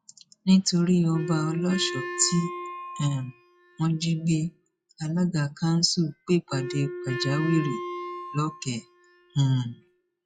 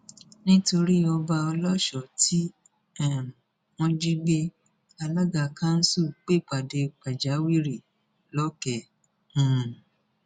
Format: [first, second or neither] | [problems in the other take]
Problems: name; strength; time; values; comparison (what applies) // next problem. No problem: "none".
second | noise reduction (classical method log-MMSE)